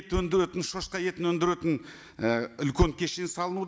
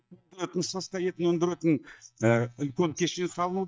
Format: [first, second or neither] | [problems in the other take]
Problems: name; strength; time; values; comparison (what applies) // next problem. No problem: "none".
first | noise reduction (neural mask model DeepFilterNet 3)